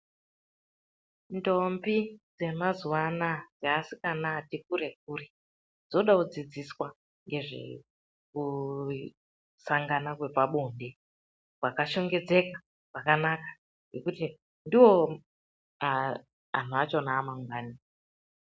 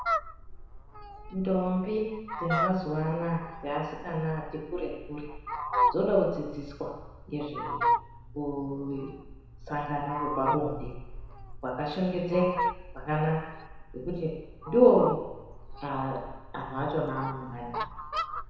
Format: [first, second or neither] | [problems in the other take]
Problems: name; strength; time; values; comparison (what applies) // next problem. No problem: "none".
first | background sound (Fowl); 5 dB below the speech // room echo; dies away in 1 s